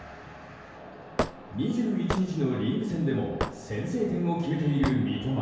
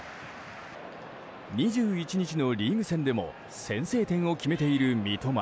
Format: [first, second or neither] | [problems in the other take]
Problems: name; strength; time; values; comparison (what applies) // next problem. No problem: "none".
second | background sound (Hammer / Wood); 9 dB below the speech // room echo; dies away in 1.2 s